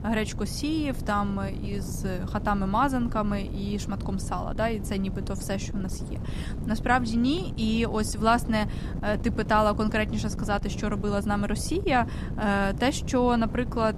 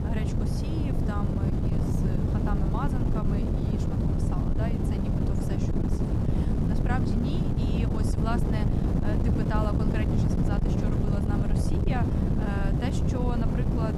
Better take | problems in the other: first | wind noise on the microphone; heavy; 3 dB above the speech; occasional gusts in the first

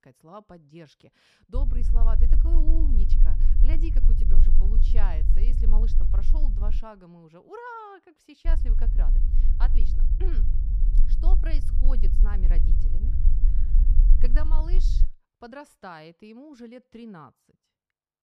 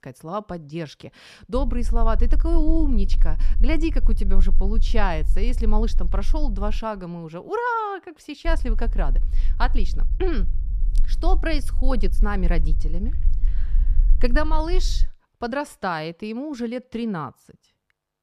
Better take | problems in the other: second | low rumble; loud; from 1.5 to 7 s and from 8.5 to 15 s; 6 dB below the speech; faint in the second

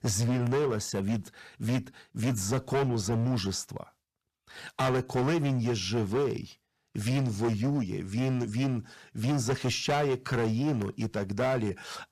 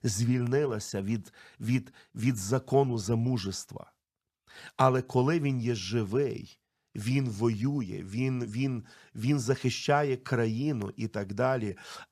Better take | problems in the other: second | distortion; heavy; 14% of the sound clipped

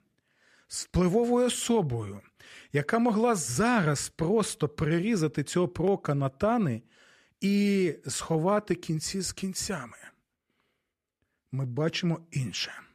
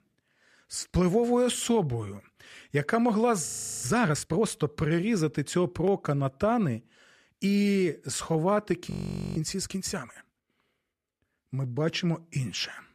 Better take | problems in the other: first | audio freezing; at 3.5 s and at 9 s

